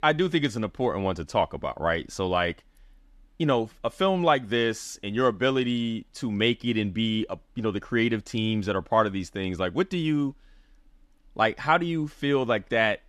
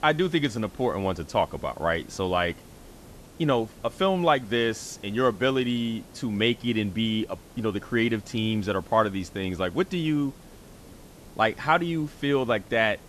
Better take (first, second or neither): first